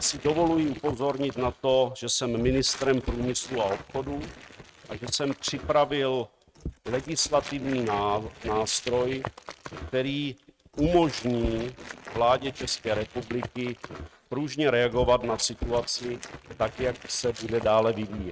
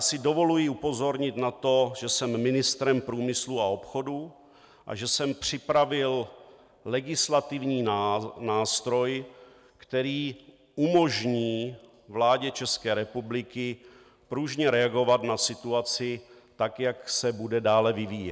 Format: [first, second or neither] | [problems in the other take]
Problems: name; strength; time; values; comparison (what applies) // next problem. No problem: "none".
second | noise reduction (neural mask model RNNoise)